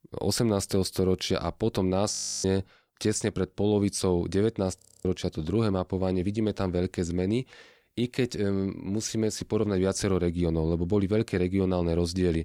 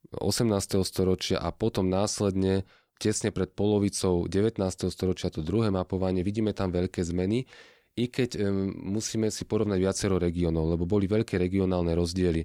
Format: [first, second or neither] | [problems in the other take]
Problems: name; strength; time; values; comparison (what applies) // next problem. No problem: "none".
second | audio freezing; at 2 s and at 5 s